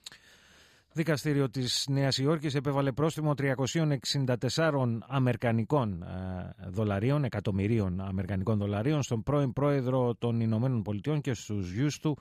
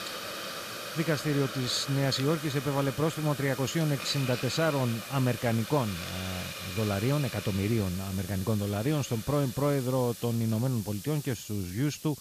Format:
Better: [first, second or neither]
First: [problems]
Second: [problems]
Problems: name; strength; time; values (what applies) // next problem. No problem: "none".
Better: first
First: none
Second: hiss; loud; throughout; 9 dB below the speech